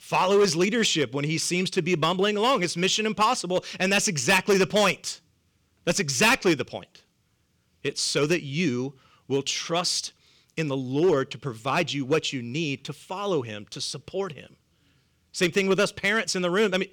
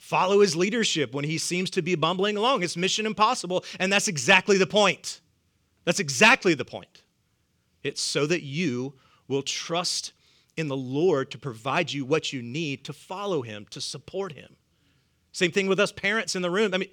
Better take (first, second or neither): second